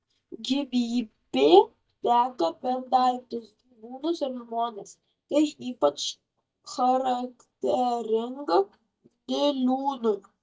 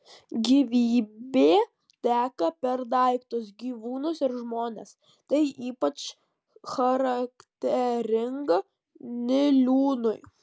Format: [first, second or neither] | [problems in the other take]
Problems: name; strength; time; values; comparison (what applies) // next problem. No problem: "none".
second | noise reduction (neural mask model DeepFilterNet 3)